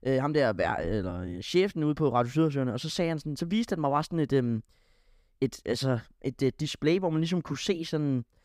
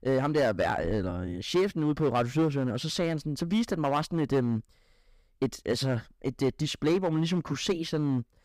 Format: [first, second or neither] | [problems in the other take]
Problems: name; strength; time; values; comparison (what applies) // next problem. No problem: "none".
first | distortion; slight; 6% of the sound clipped